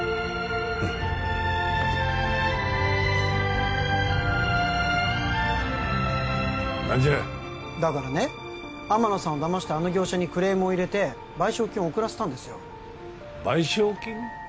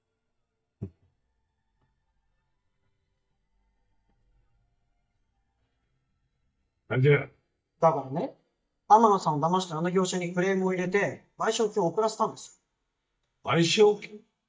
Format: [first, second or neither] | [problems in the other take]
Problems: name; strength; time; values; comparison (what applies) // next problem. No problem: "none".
first | noise reduction (neural mask model DeepFilterNet 3)